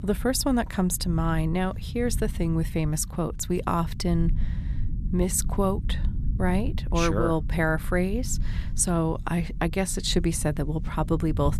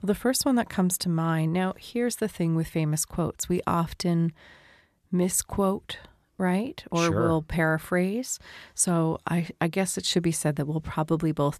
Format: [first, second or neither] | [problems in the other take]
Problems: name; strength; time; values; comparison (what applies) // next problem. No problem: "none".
second | low rumble; noticeable; throughout; 20 dB below the speech